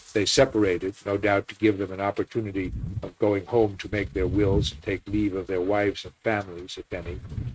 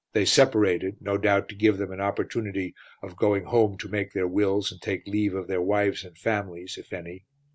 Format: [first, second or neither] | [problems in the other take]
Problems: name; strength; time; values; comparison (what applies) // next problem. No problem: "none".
second | noise reduction (neural mask model RNNoise)